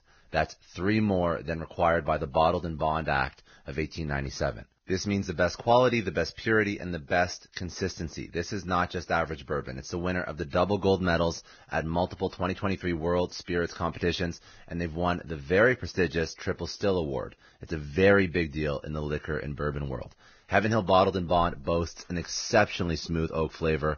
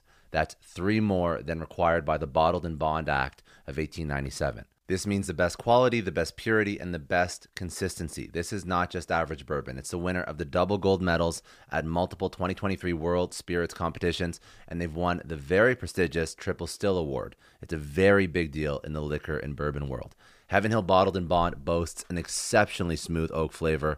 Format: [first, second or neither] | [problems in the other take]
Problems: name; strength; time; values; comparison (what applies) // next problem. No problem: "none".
second | garbled, watery; badly; nothing above 6.5 kHz